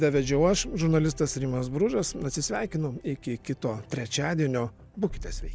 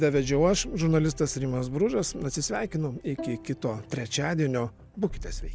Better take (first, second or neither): first